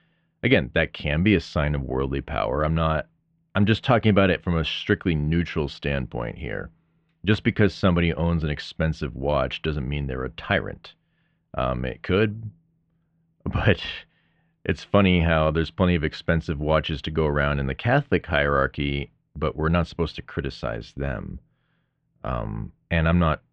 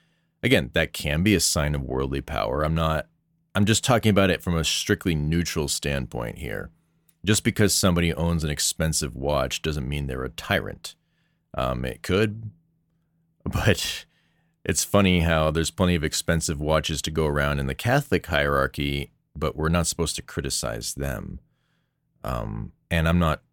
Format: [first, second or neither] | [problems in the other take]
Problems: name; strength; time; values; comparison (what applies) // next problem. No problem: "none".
second | muffled; very; fading above 3 kHz